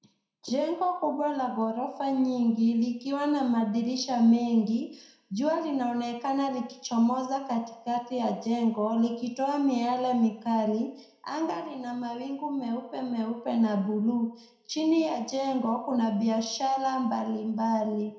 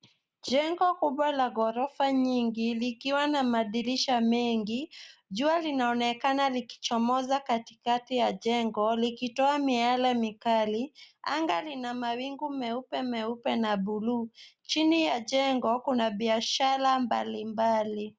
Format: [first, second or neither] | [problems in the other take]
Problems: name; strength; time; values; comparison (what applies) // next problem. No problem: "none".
second | room echo; dies away in 0.6 s